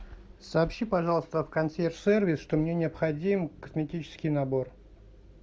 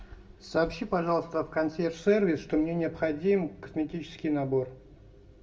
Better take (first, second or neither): first